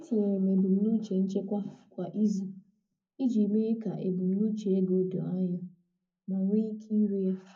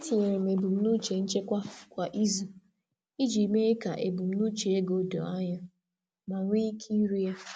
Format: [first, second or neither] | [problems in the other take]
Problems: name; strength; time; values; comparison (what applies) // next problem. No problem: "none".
second | room echo; dies away in 0.3 s